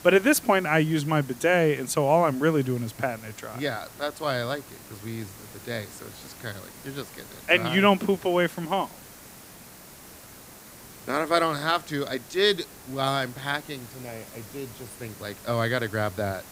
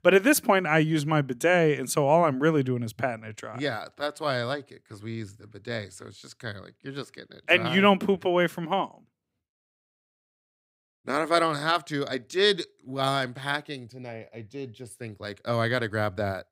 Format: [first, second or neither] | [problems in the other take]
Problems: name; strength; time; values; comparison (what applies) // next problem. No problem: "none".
second | hiss; noticeable; throughout; 20 dB below the speech